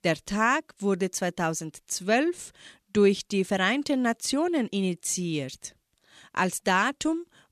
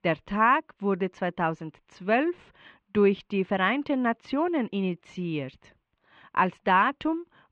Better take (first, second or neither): first